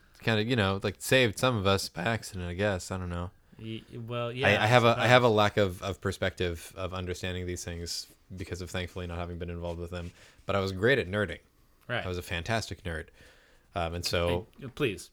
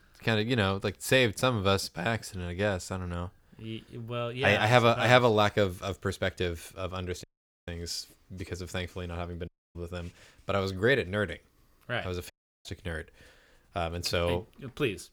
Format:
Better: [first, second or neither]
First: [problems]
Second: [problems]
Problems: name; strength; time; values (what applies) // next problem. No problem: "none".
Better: first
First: none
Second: audio cutting out; at 7 s, at 9.5 s and at 12 s